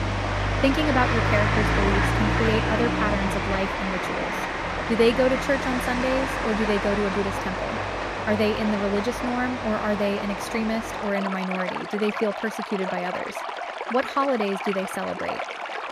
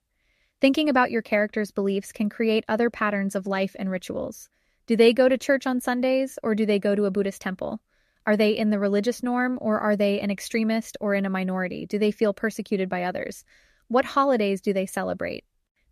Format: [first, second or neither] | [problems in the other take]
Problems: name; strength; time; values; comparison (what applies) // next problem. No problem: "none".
second | rain or running water; loud; throughout; 1 dB below the speech